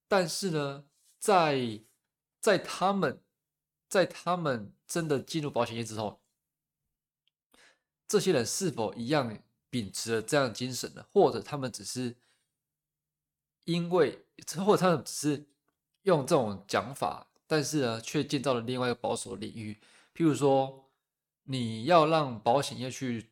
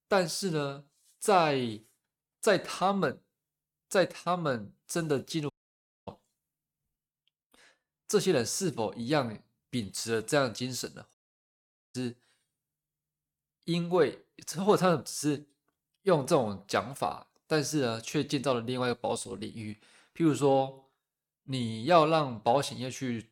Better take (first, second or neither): first